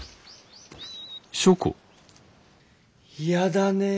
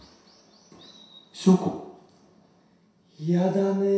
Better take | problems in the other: first | room echo; dies away in 0.7 s

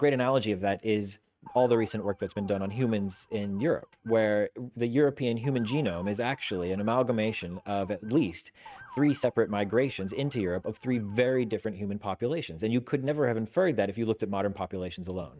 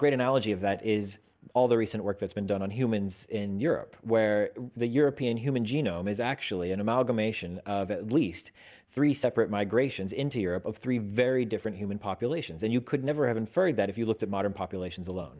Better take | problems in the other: second | noise reduction (neural mask model RNNoise)

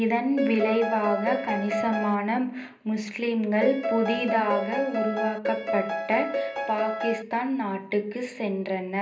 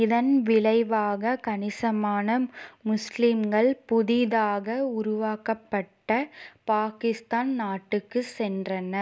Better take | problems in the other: second | background sound (Piano); 2 dB below the speech // room echo; dies away in 0.5 s

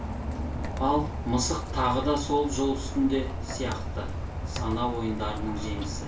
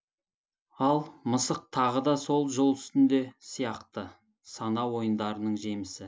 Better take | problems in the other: second | background sound (Rain); 3 dB below the speech // room echo; dies away in 0.3 s

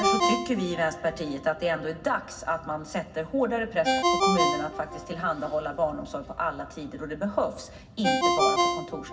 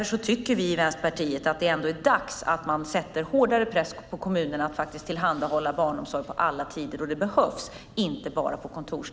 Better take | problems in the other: second | background sound (Ringtone); as loud as the speech // room echo; dies away in 0.4 s

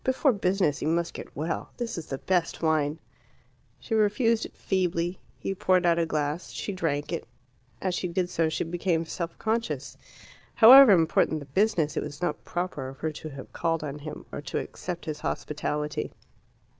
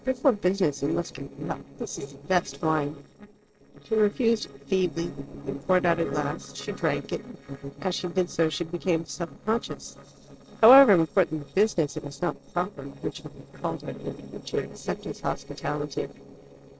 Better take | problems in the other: first | noise reduction (neural separator model SepFormer DNS4)

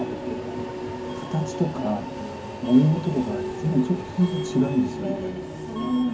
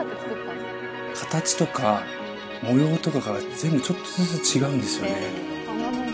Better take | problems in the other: second | background sound (Subway, metro, underground); 12 dB below the speech // room echo; dies away in 0.3 s

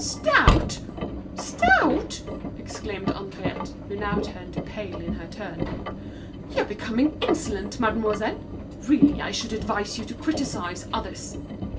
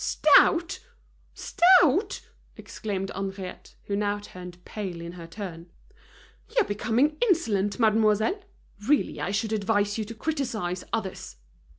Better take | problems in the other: second | background sound (Engine); 2 dB below the speech // room echo; dies away in 0.2 s

